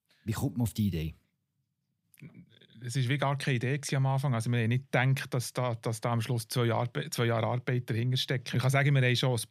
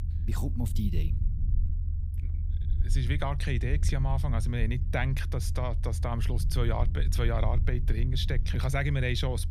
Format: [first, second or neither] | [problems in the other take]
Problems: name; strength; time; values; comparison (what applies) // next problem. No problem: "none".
first | low rumble; noticeable; throughout; 15 dB below the speech